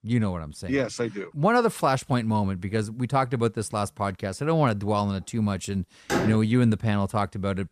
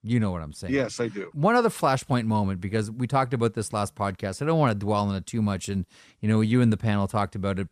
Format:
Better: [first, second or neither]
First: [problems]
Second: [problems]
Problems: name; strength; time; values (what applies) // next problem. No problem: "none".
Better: second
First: door banging; noticeable; at 6 s; peak 1 dB below the speech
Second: none